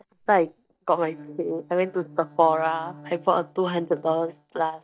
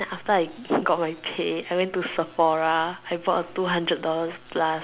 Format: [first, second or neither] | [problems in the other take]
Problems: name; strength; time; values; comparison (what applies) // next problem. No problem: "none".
second | noise reduction (neural mask model DeepFilterNet 3)